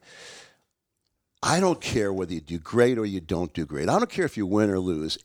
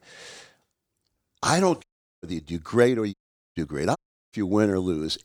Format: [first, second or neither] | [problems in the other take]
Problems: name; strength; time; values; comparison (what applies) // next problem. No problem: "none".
first | audio cutting out; at 2 s, at 3 s and at 4 s